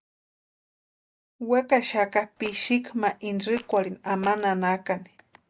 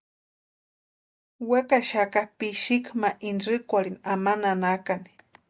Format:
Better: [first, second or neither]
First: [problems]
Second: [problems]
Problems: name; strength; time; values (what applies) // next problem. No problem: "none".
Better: second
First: background sound (Fart); 18 dB below the speech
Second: none